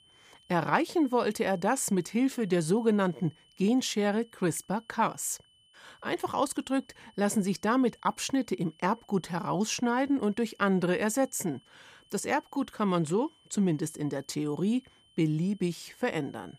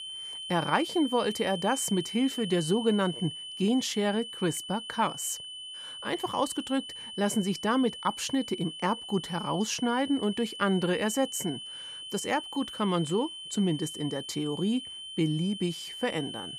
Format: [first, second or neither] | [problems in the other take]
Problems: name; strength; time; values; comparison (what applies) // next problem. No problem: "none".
first | high-pitched whine; loud; throughout; 3 kHz, 8 dB below the speech; faint in the first